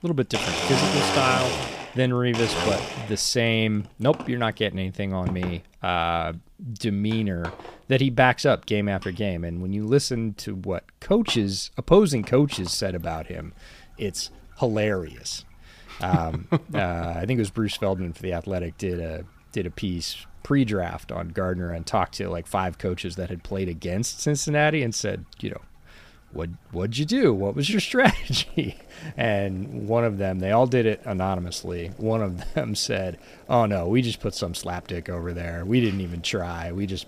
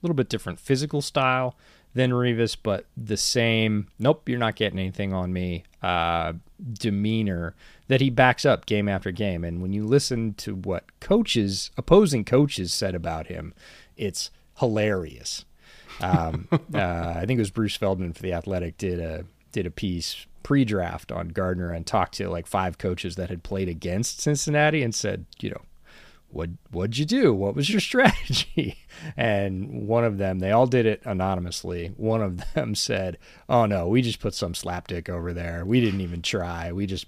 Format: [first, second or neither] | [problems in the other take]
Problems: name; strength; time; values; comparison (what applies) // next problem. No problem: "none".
second | household noises; loud; throughout; 4 dB below the speech